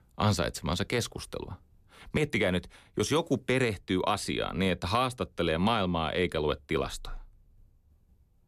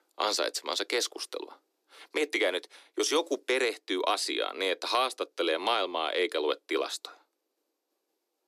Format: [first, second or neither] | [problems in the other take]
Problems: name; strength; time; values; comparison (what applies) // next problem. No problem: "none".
first | thin; very; fading below 300 Hz